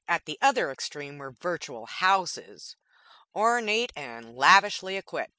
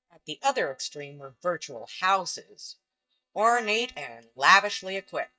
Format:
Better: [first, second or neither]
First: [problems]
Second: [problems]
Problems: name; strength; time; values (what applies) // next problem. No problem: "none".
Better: first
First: none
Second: noise reduction (neural mask model DeepFilterNet 3)